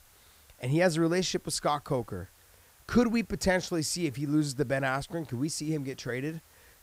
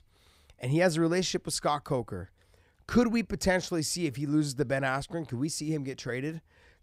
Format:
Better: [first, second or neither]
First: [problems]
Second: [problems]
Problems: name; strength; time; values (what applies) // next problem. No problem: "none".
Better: second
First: hiss; faint; throughout; 30 dB below the speech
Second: none